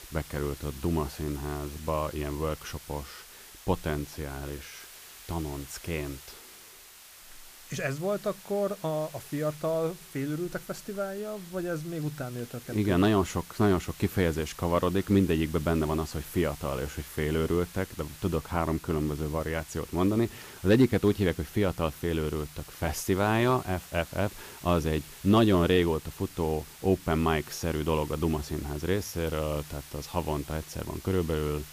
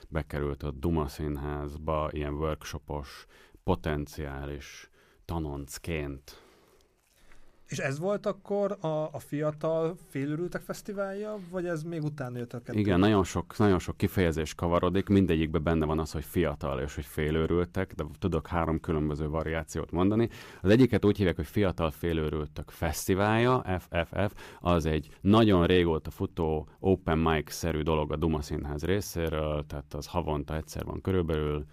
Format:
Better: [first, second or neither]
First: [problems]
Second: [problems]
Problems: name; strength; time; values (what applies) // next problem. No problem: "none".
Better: second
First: hiss; noticeable; throughout; 15 dB below the speech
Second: none